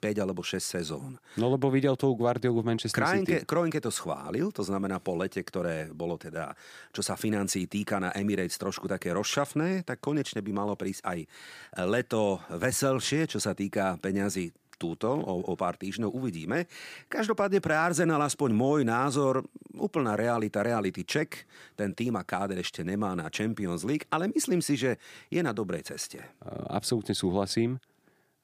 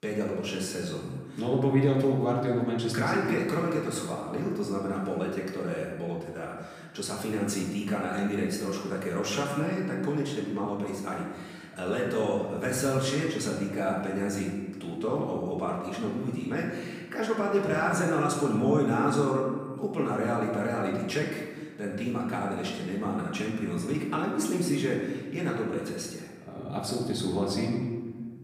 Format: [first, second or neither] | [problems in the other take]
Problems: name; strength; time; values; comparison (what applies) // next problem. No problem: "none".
first | room echo; noticeable; dies away in 1.3 s // off-mic speech; far